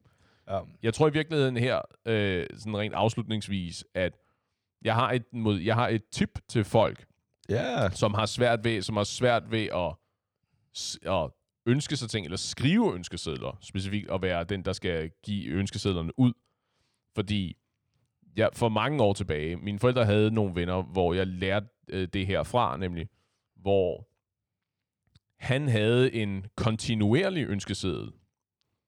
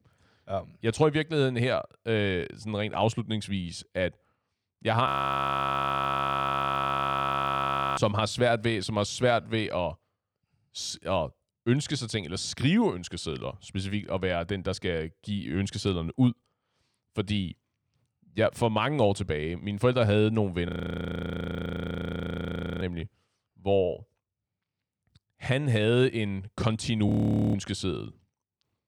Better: first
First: none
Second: audio freezing; at 5 s for 3 s, at 21 s for 2 s and at 27 s

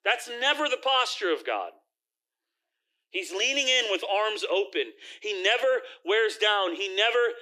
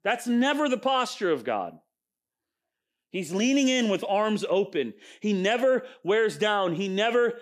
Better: second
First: thin; very; fading below 300 Hz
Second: none

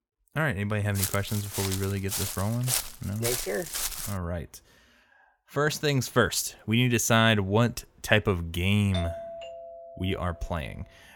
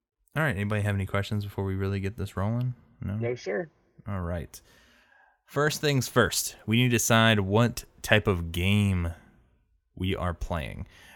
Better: second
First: footsteps; noticeable; from 1 to 4 s; peak level with the speech // doorbell; noticeable; from 9 to 10 s; peak 8 dB below the speech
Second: none

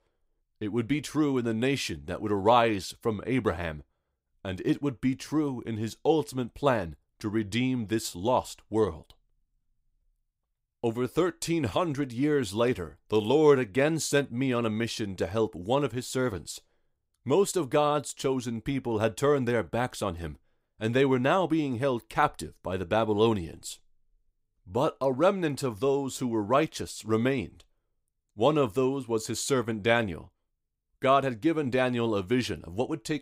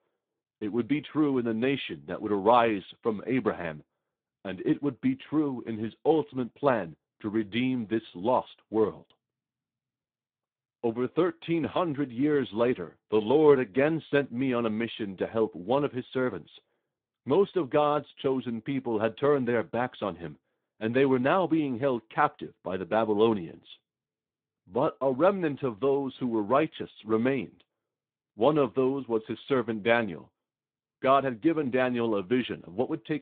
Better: first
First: none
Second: phone-call audio; nothing above 3.5 kHz

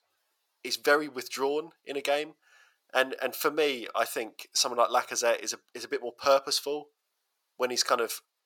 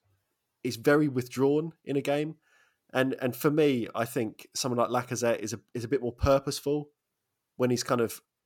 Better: second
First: thin; very; fading below 700 Hz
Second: none

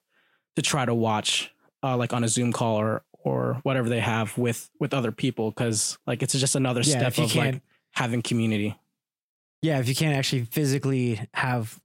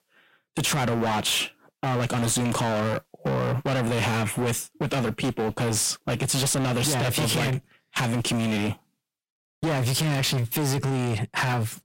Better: first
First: none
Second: distortion; heavy; 31% of the sound clipped

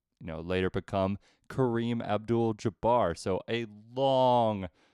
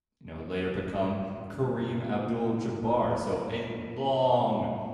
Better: first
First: none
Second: room echo; noticeable; dies away in 2.1 s // off-mic speech; far

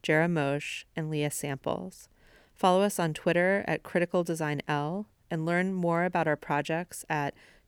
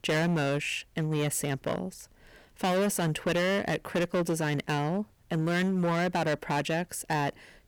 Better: first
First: none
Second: distortion; heavy; 15% of the sound clipped

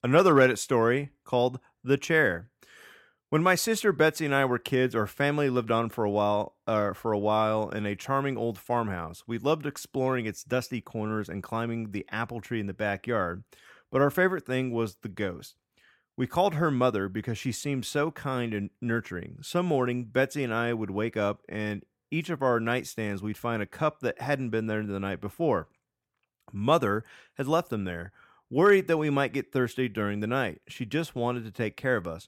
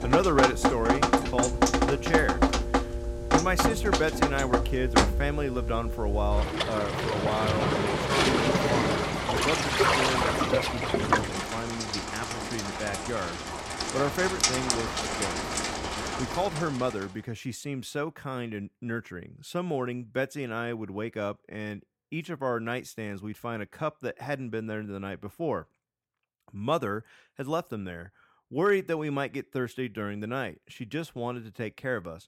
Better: first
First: none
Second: rain or running water; very loud; until 17 s; 5 dB above the speech

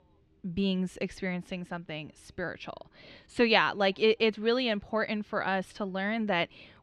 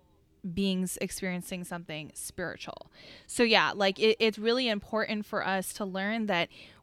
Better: second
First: muffled; very slightly; fading above 3.5 kHz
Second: none

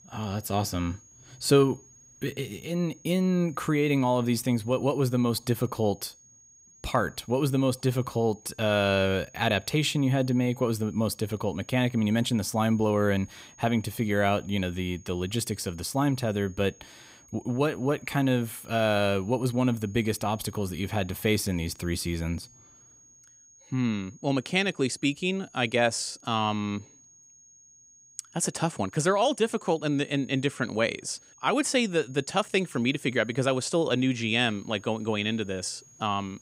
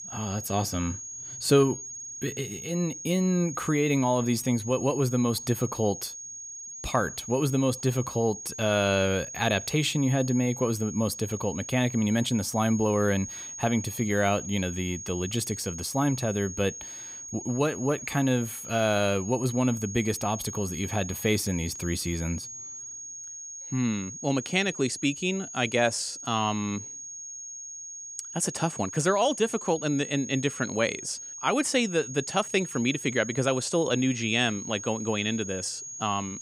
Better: first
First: high-pitched whine; faint; throughout; 6.5 kHz, 25 dB below the speech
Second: high-pitched whine; loud; throughout; 6.5 kHz, 9 dB below the speech

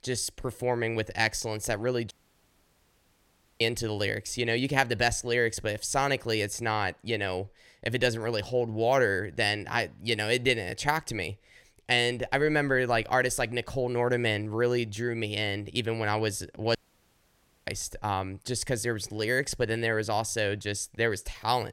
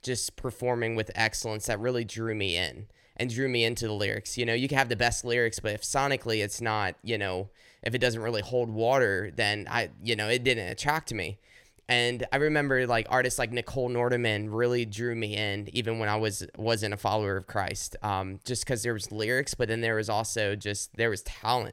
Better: second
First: audio cutting out; at 2 s for 1.5 s and at 17 s for 1 s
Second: none

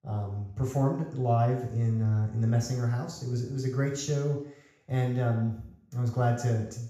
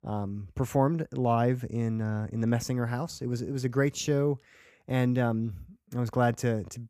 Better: second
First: room echo; noticeable; dies away in 0.6 s // off-mic speech; far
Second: none

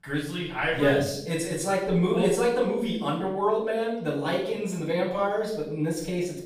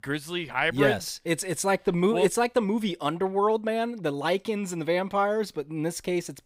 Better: second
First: off-mic speech; far // room echo; noticeable; dies away in 0.6 s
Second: none

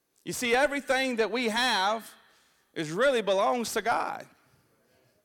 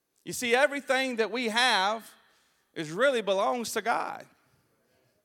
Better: second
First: distortion; slight; 10 dB below the speech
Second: none

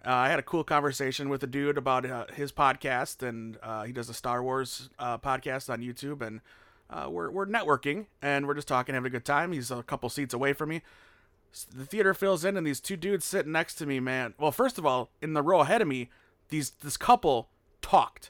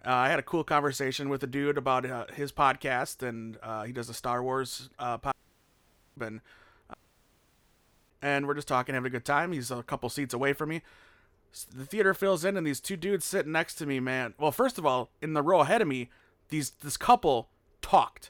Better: first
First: none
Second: audio cutting out; at 5.5 s for 1 s and at 7 s for 1 s

